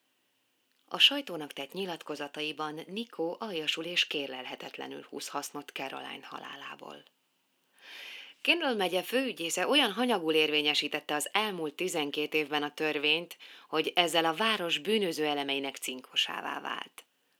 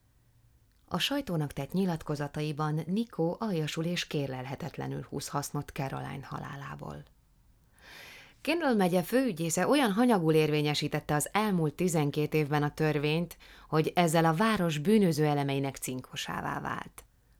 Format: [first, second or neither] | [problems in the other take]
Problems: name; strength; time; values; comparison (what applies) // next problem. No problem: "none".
second | thin; somewhat; fading below 250 Hz